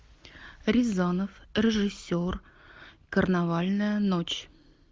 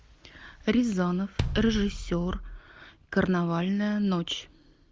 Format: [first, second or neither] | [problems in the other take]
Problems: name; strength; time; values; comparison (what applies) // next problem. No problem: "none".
first | background sound (Bass drum); 7 dB below the speech